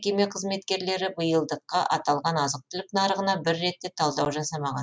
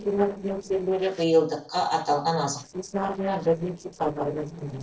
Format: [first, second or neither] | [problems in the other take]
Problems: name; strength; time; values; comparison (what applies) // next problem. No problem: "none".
first | noise reduction (neural separator model SepFormer DNS4)